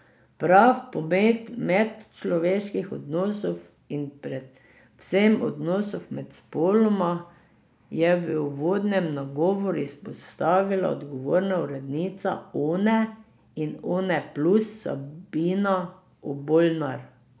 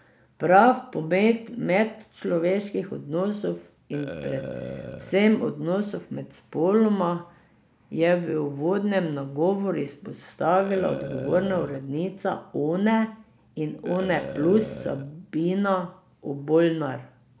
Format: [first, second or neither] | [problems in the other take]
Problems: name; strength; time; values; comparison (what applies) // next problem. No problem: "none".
first | background sound (Burping, eructation); 14 dB below the speech